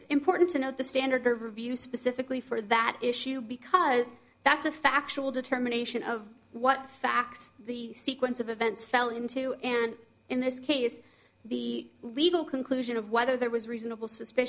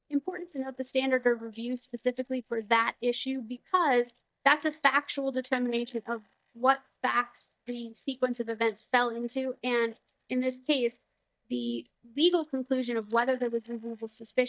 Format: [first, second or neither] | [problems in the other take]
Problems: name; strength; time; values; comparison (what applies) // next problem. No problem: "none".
first | noise reduction (neural mask model DeepFilterNet 3)